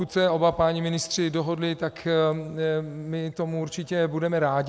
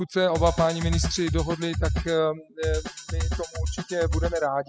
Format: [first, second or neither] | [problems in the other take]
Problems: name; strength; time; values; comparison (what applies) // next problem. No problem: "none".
first | noise reduction (classical method spectral subtraction)